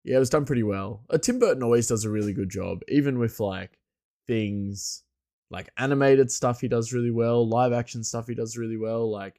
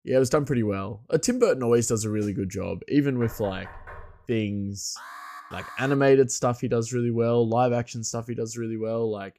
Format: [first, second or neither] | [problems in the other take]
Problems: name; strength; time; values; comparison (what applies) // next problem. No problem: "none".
first | door banging; faint; from 3 to 4 s; peak 20 dB below the speech // alarm; faint; from 5 to 6 s; peak 15 dB below the speech